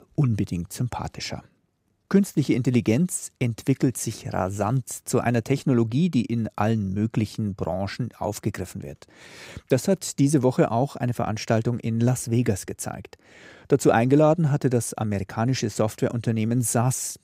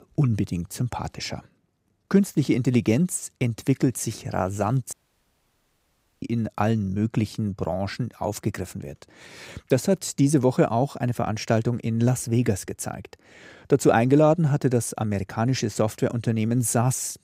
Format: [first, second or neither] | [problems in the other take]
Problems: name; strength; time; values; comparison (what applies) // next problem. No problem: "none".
first | audio cutting out; at 5 s for 1.5 s